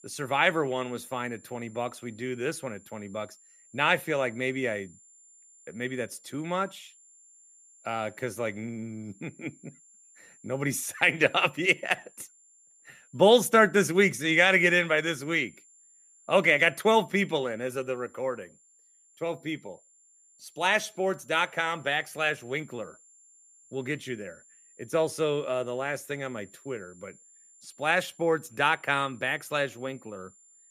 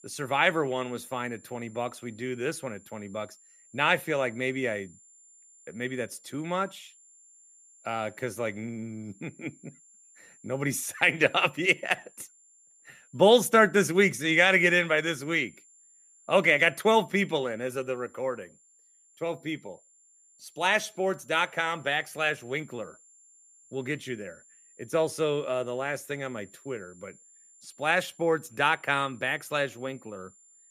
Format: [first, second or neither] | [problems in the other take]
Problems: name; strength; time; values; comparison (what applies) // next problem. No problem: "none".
neither | high-pitched whine; faint; throughout; 7.5 kHz, 30 dB below the speech; the same in both